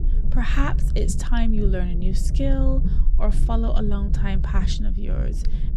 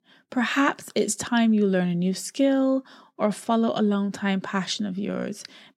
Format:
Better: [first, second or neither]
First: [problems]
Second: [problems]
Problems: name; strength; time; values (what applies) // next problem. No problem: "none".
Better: second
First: low rumble; loud; throughout; 10 dB below the speech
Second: none